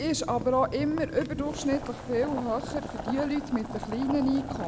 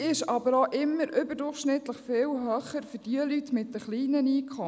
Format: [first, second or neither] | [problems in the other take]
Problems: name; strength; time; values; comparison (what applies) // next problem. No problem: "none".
second | background sound (Boiling); 8 dB below the speech